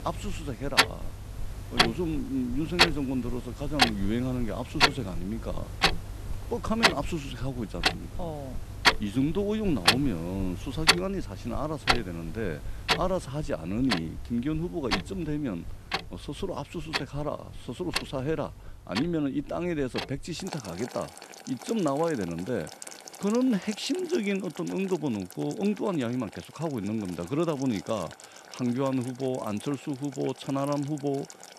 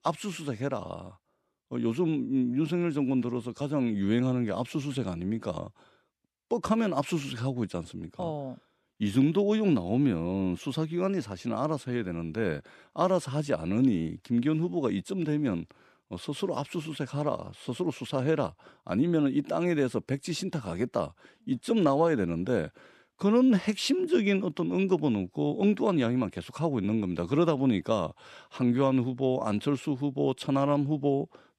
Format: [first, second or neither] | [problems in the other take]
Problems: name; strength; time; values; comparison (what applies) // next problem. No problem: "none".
second | household noises; very loud; throughout; 3 dB above the speech